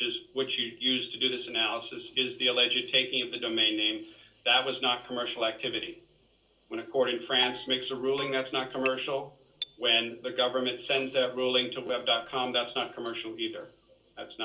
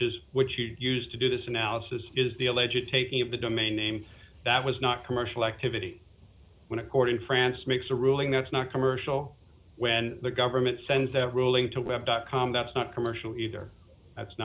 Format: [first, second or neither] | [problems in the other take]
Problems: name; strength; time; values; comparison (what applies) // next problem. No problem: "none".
second | noise reduction (neural separator model SepFormer DNS4)